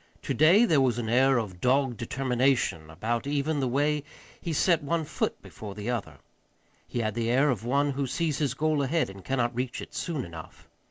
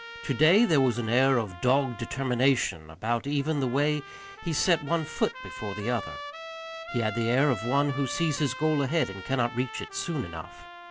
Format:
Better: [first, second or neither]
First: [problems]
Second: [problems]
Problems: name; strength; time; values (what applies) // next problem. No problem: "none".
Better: first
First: none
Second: background sound (Trumpet); 13 dB below the speech